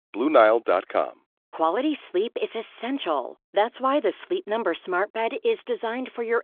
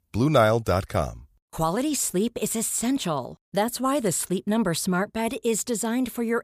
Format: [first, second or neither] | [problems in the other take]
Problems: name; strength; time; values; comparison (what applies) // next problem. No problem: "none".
second | phone-call audio; nothing above 3.5 kHz